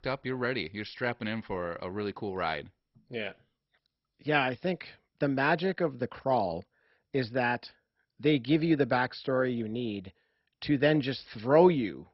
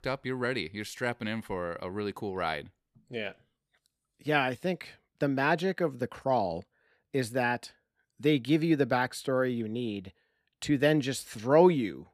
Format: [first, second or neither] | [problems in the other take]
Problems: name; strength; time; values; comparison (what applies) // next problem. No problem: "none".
second | garbled, watery; badly; nothing above 5.5 kHz